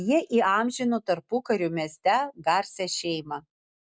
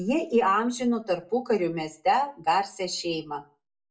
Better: first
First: none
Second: room echo; dies away in 0.2 s

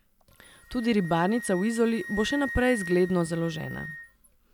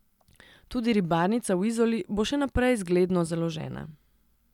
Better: second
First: background sound (Wind instrument, woodwind instrument); 13 dB below the speech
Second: none

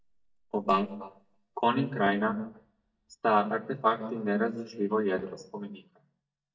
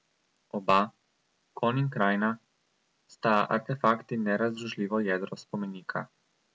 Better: second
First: noise reduction (neural mask model DeepFilterNet 3)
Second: none

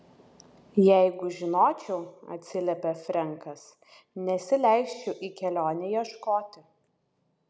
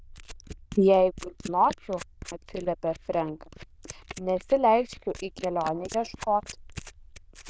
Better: first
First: none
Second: noise reduction (neural diffusion model UNIVERSE++)

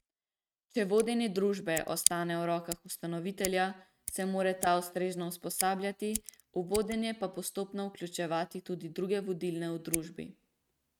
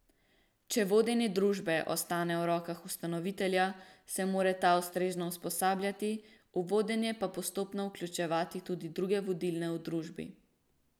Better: second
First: noise reduction (neural mask model RNNoise)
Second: none

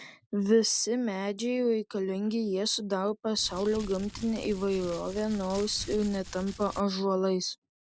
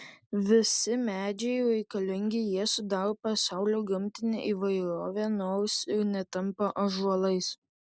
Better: second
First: background sound (Crumpling, crinkling); 15 dB below the speech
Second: none

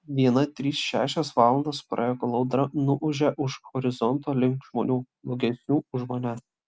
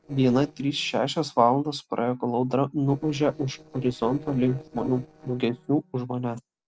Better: first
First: none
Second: noise reduction (neural separator model SepFormer DNS4)

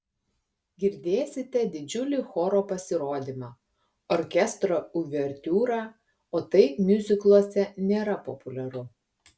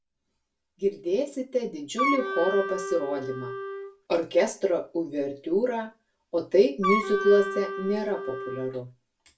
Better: first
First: none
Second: background sound (Wind instrument, woodwind instrument); 4 dB below the speech // room echo; dies away in 0.2 s

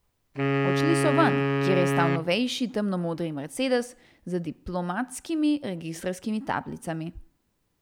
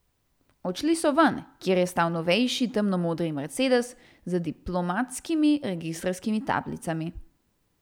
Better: second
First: background sound (Wind instrument, woodwind instrument); 2 dB above the speech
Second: none

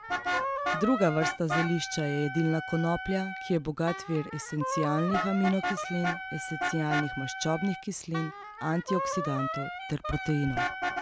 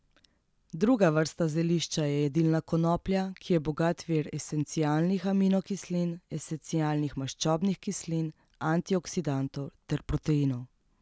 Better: second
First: background sound (Wind instrument, woodwind instrument + Vehicle horn, car horn, honking); 4 dB below the speech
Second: none

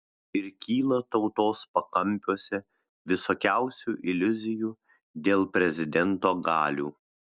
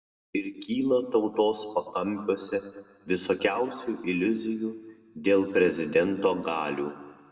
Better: first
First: none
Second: room echo; dies away in 1.1 s

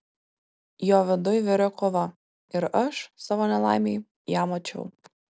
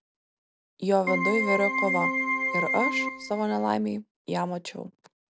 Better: first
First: none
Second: background sound (Keyboard (musical)); 1 dB above the speech

